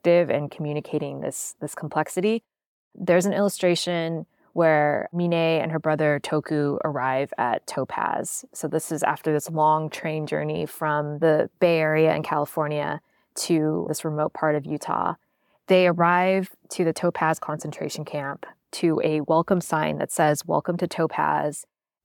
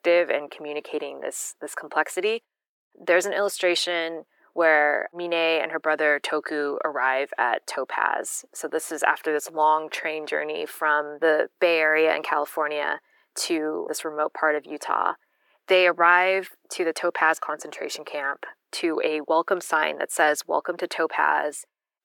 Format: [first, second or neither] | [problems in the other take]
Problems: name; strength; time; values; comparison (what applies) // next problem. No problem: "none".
first | thin; very; fading below 350 Hz